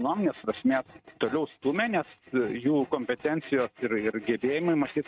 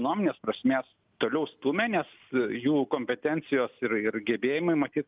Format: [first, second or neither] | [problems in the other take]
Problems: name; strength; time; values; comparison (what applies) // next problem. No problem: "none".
second | noise reduction (neural mask model RNNoise)